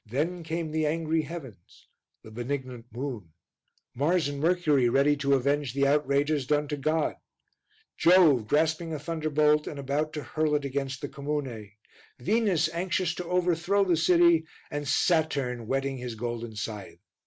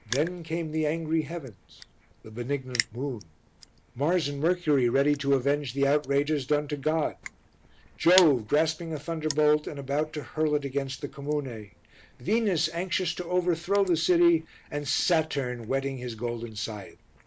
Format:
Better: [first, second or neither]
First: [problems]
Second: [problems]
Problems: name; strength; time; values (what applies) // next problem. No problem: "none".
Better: first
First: none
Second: background sound (Crushing); 16 dB below the speech